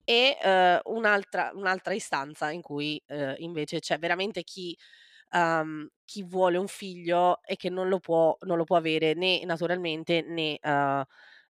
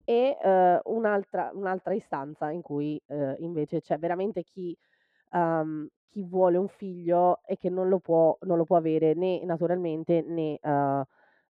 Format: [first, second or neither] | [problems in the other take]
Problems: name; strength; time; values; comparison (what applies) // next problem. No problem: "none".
first | muffled; very; fading above 1.5 kHz